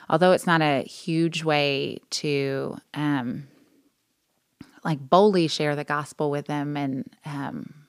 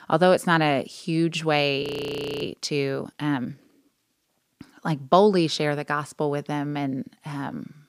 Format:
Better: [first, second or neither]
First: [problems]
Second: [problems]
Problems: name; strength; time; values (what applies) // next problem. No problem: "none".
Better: first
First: none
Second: audio freezing; at 2 s for 0.5 s